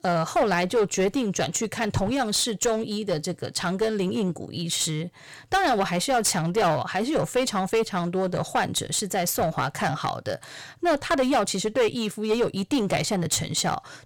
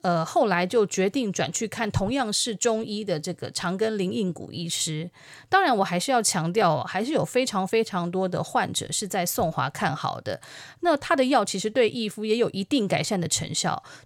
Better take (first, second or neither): second